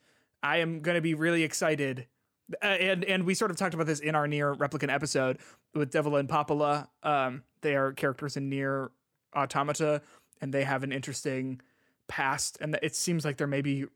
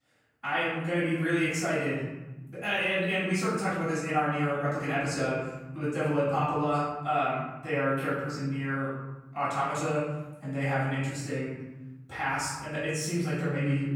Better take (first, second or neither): first